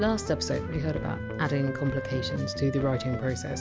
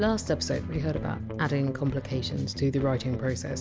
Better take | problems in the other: second | background sound (Wind instrument, woodwind instrument); 10 dB below the speech

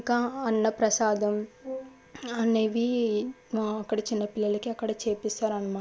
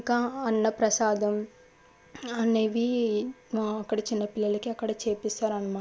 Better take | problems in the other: second | background sound (Brass instrument); 16 dB below the speech

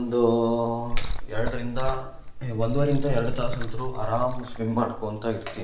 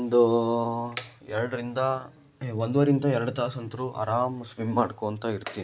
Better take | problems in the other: second | background sound (Liquid); 1 dB below the speech // room echo; dies away in 0.6 s

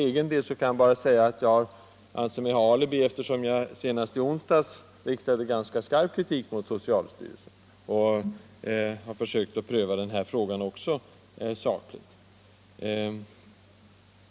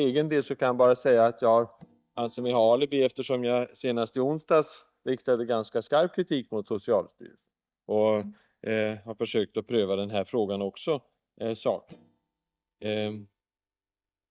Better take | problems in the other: first | noise reduction (neural mask model DeepFilterNet 3)

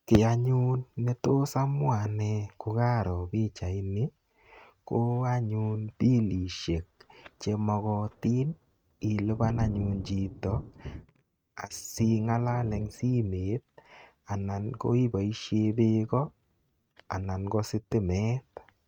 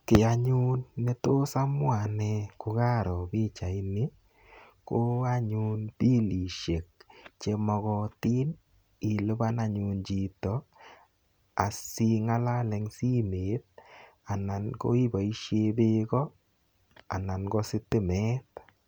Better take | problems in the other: second | noise reduction (neural mask model RNNoise)

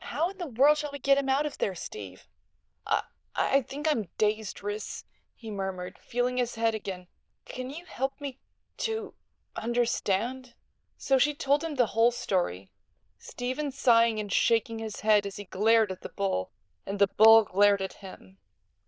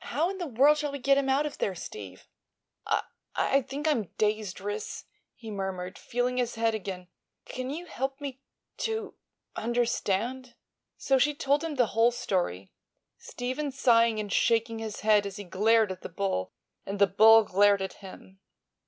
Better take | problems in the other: second | noise reduction (neural diffusion model UNIVERSE++)

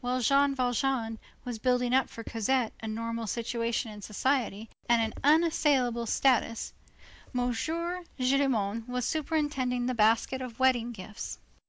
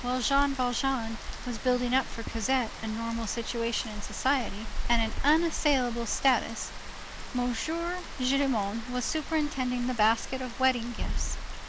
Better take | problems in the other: first | background sound (Rain); 4 dB below the speech

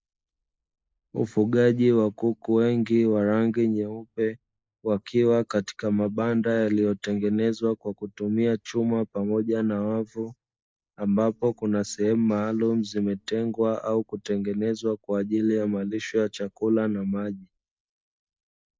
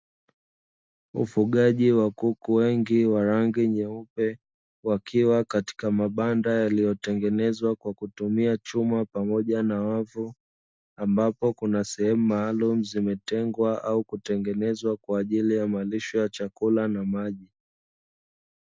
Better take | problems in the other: second | noise reduction (neural mask model Resemble Enhance denoiser)

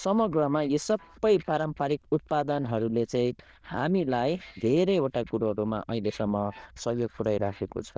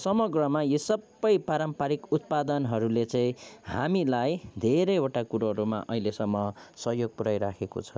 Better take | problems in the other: second | noise reduction (neural diffusion model UNIVERSE++)

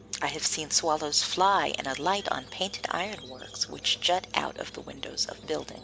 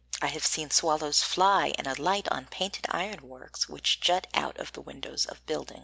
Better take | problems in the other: second | background sound (Squeak); 18 dB below the speech

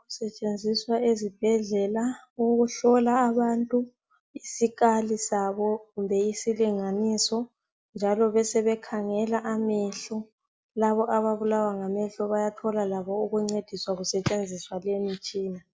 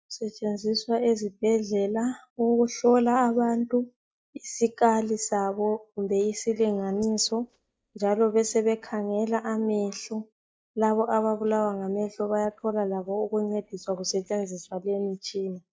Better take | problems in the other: first | noise reduction (neural mask model DeepFilterNet 3)

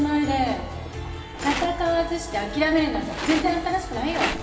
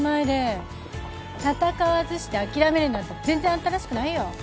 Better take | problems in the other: second | background sound (Rattle); 11 dB below the speech // room echo; dies away in 1.3 s

